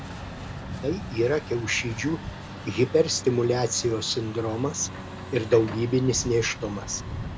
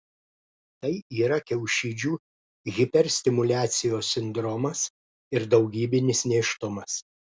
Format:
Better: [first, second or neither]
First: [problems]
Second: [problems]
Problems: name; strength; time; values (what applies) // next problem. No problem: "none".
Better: second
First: background sound (Truck); 10 dB below the speech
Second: none